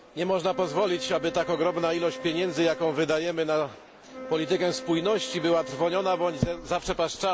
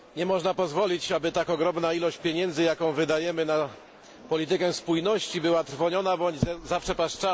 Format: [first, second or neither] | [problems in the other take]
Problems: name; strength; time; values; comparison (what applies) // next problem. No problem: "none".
second | background sound (Wind instrument, woodwind instrument); 14 dB below the speech